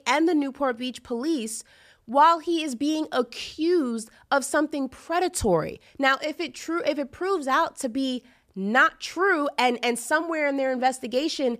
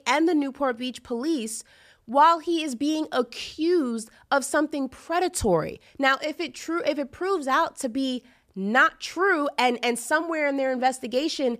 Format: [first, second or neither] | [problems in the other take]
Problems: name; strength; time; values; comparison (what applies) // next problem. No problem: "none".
neither | none